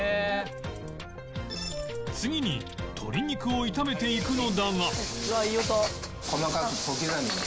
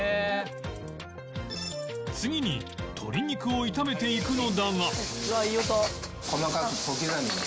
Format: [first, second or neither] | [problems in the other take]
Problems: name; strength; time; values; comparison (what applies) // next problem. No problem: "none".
second | background sound (Vehicle); 17 dB below the speech